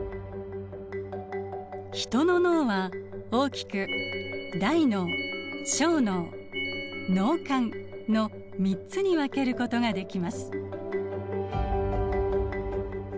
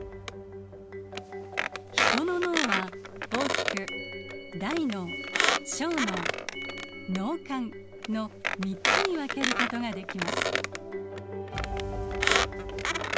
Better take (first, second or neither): first